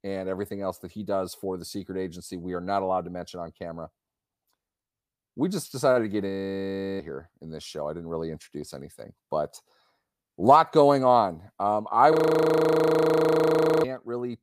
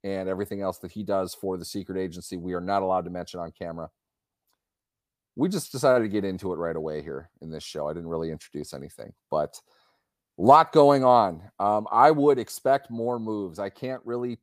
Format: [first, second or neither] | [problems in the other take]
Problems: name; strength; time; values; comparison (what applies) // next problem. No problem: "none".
second | audio freezing; at 6.5 s for 0.5 s and at 12 s for 1.5 s